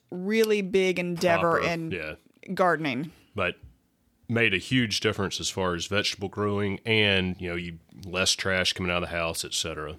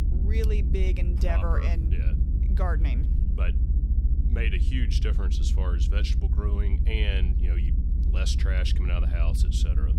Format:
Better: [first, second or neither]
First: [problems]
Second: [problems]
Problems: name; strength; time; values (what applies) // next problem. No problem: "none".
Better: first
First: none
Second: low rumble; loud; throughout; 7 dB below the speech